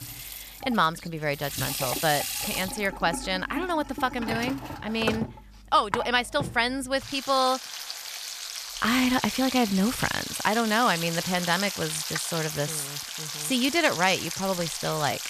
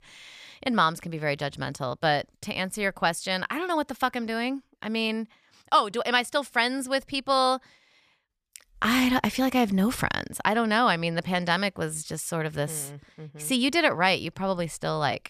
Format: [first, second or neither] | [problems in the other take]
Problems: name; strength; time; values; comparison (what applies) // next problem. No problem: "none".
second | household noises; loud; throughout; 6 dB below the speech